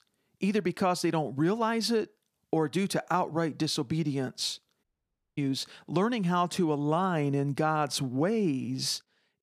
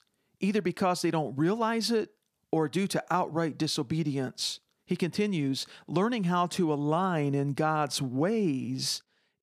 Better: second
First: audio cutting out; at 5 s for 0.5 s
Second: none

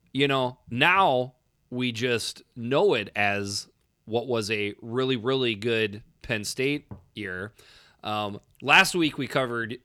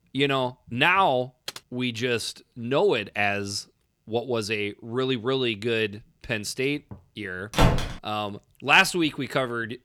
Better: first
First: none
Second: keyboard typing; faint; at 1.5 s; peak 15 dB below the speech // door banging; loud; at 7.5 s; peak 3 dB above the speech

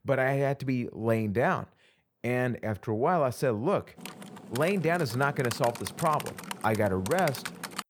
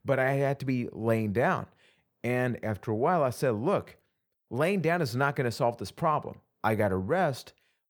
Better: second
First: keyboard typing; noticeable; from 4 s on; peak 7 dB below the speech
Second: none

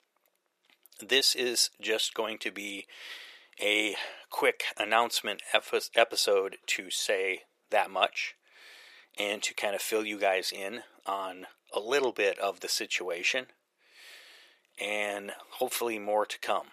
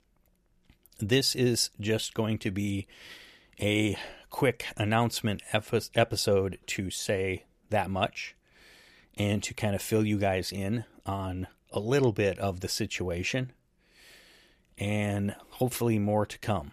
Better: second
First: thin; very; fading below 450 Hz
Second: none

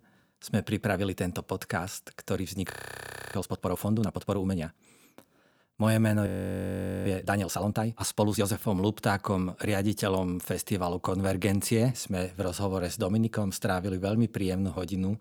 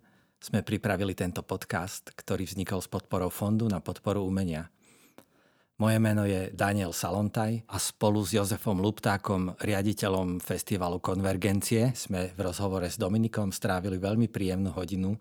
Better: second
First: audio freezing; at 2.5 s for 0.5 s and at 6.5 s for 1 s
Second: none

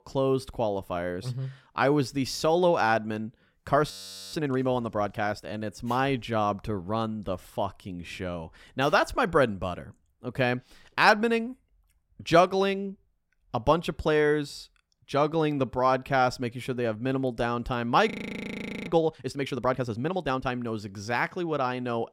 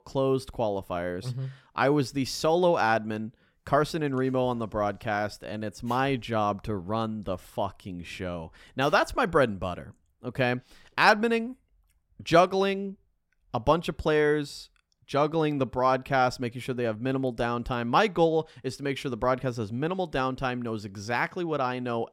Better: second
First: audio freezing; at 4 s and at 18 s for 1 s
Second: none

